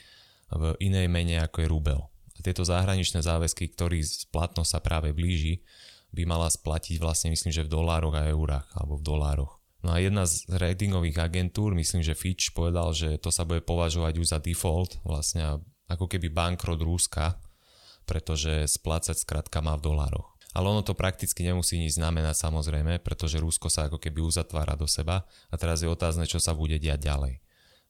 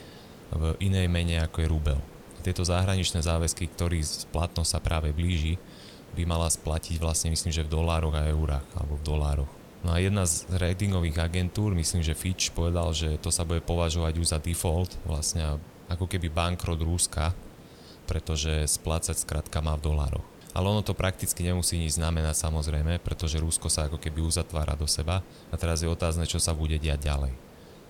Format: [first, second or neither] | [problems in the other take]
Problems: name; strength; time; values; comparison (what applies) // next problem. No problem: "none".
first | hiss; faint; throughout; 20 dB below the speech